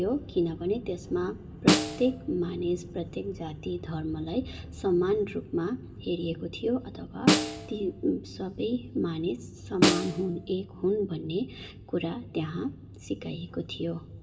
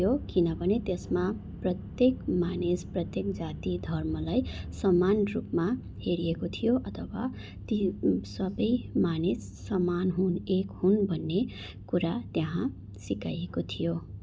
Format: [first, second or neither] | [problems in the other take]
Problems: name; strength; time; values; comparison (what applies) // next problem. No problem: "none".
second | background sound (Snare drum); as loud as the speech // room echo; dies away in 2.6 s